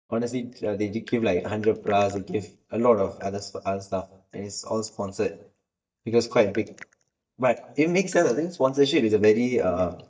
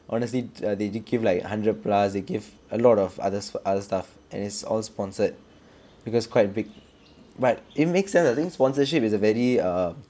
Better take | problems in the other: second | noise reduction (neural mask model DeepFilterNet 3)

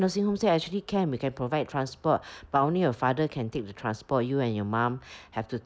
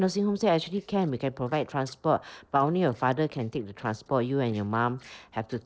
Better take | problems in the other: first | noise reduction (neural separator model SepFormer DNS4)

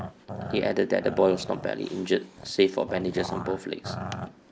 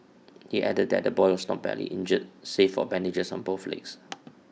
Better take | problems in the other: second | background sound (Growling); 11 dB below the speech

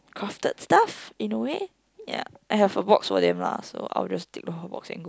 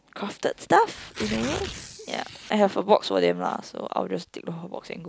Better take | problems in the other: first | background sound (Tearing); 15 dB below the speech

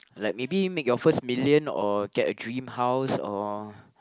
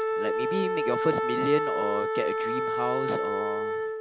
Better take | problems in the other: first | background sound (Wind instrument, woodwind instrument); 3 dB above the speech

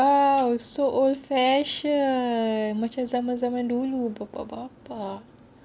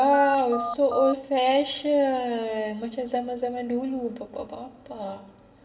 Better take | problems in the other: first | background sound (Telephone); 5 dB below the speech // room echo; dies away in 1.5 s

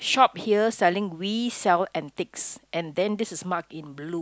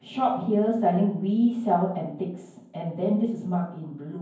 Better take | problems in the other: first | room echo; dies away in 0.9 s

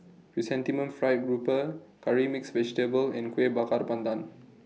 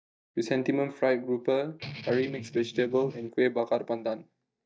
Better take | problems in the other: first | noise reduction (neural mask model DeepFilterNet 3)

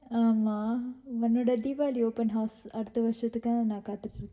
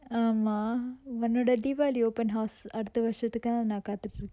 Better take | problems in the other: second | room echo; dies away in 0.7 s

